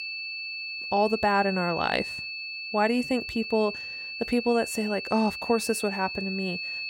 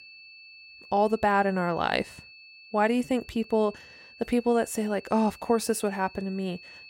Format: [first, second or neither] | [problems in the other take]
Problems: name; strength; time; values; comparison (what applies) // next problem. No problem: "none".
second | high-pitched whine; loud; throughout; 2.5 kHz, 6 dB below the speech; faint in the second